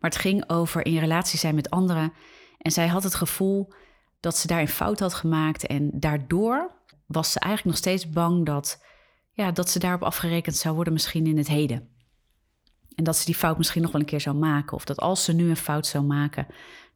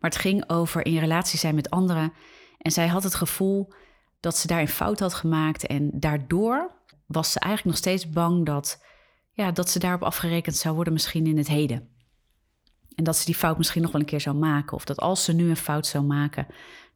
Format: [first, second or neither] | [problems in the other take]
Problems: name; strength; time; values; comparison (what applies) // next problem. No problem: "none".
neither | none